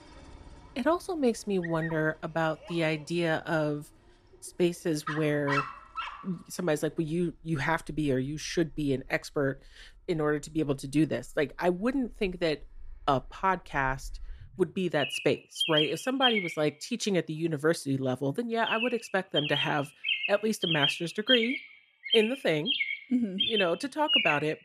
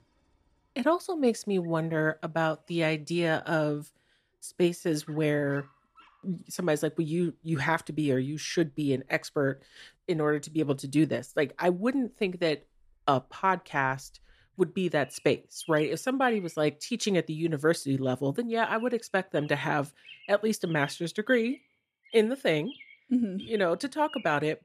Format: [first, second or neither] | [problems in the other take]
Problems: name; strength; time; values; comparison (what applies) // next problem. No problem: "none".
second | animal sounds; loud; throughout; 1 dB below the speech; faint in the second